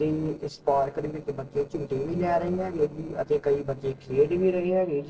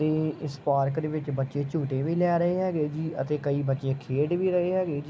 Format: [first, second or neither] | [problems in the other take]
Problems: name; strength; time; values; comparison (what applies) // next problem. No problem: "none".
second | noise reduction (neural separator model SepFormer DNS4)